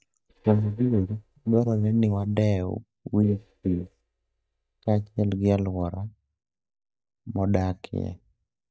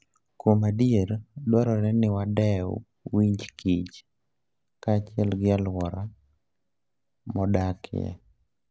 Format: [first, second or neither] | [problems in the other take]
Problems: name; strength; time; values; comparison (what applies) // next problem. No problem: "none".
second | noise reduction (neural mask model DeepFilterNet 3)